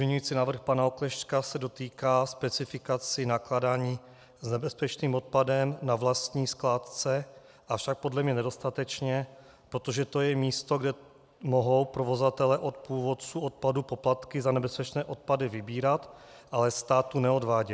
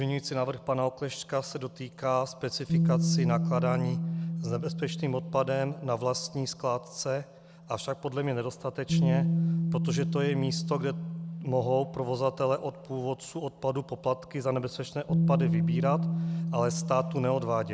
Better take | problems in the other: first | background sound (Bass guitar); 1 dB below the speech

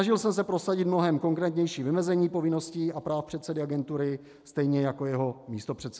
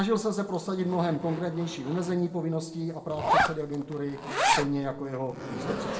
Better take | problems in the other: first | background sound (Zipper (clothing)); 2 dB below the speech // room echo; dies away in 1.4 s

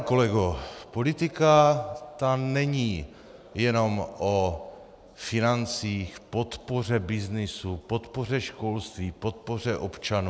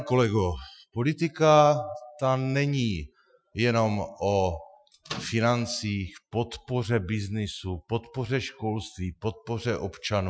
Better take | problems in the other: first | noise reduction (classical method Wiener filter)

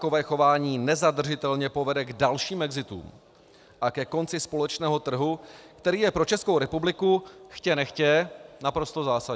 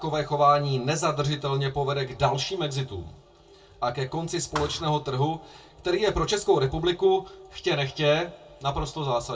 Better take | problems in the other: first | background sound (Thump, thud); 12 dB below the speech // room echo; dies away in 0.1 s

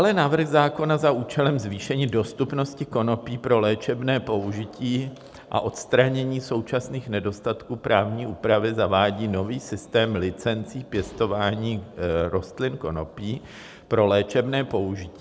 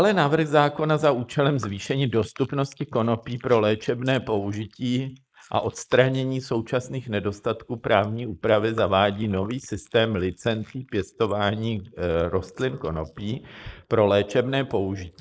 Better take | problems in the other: first | noise reduction (neural mask model Resemble Enhance denoiser)

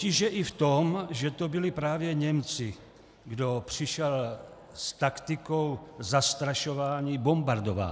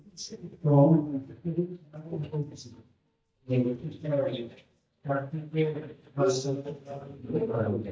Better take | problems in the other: first | noise reduction (neural mask model DeepFilterNet 3)

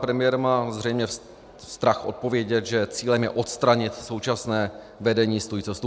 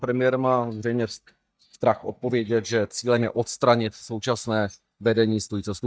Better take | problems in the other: first | noise reduction (neural mask model DeepFilterNet 3)

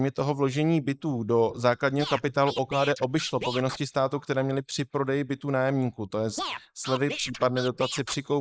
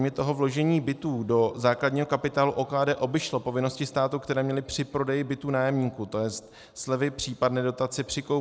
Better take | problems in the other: second | noise reduction (neural mask model Resemble Enhance denoiser)

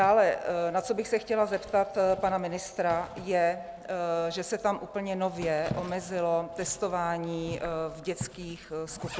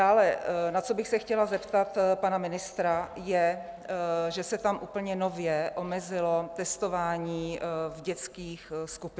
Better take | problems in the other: second | background sound (Zipper (clothing)); 17 dB below the speech

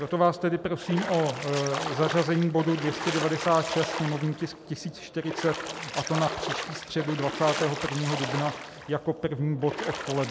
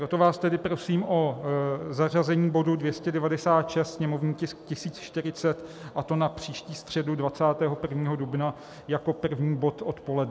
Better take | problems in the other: second | background sound (Splash, splatter); 7 dB below the speech

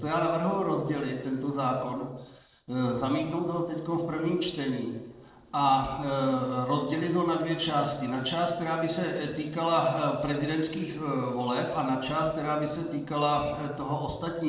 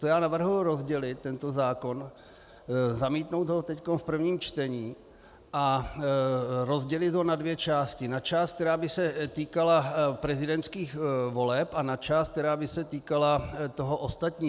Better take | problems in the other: second | noise reduction (neural separator model SepFormer DNS4)

